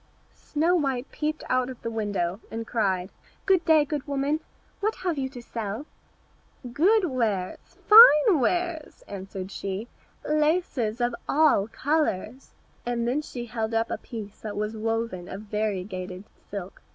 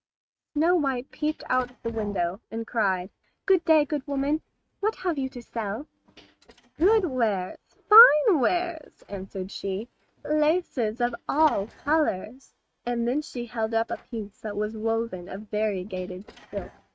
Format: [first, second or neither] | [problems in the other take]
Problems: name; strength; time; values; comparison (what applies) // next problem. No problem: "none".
first | noise reduction (neural mask model RNNoise)